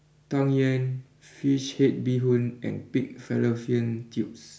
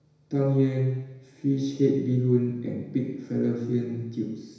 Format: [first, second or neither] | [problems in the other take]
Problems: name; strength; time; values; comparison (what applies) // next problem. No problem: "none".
first | room echo; dies away in 1 s